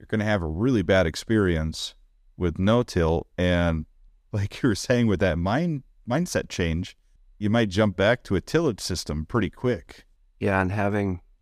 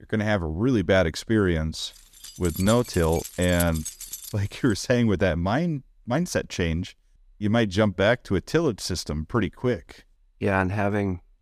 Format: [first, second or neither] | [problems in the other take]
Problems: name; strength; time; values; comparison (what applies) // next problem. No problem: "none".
first | jangling keys; noticeable; from 2 to 4.5 s; peak 7 dB below the speech